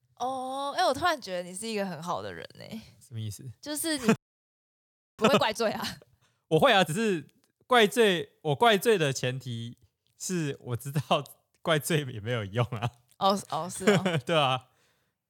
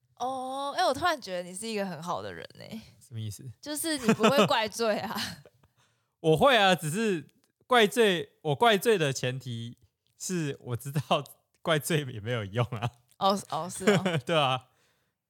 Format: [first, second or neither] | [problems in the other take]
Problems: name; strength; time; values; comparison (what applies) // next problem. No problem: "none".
second | audio freezing; at 4 s for 1 s